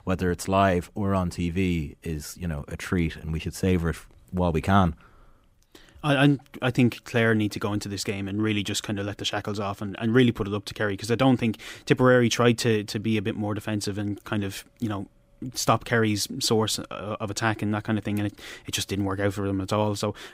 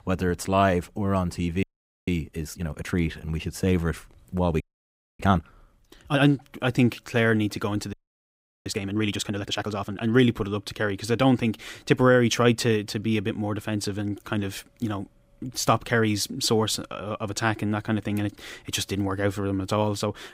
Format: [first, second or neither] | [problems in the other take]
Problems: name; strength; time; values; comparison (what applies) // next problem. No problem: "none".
first | audio freezing; at 1.5 s, at 4.5 s for 0.5 s and at 8 s for 0.5 s